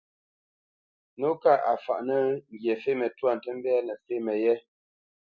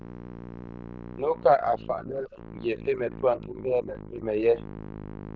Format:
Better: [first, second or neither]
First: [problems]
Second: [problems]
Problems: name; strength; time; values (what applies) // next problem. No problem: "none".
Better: first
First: none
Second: noise reduction (neural diffusion model UNIVERSE++)